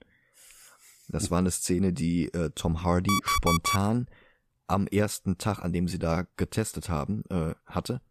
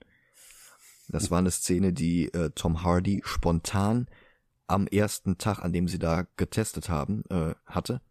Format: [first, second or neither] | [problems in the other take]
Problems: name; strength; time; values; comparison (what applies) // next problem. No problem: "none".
second | alarm; loud; at 3 s; peak 2 dB above the speech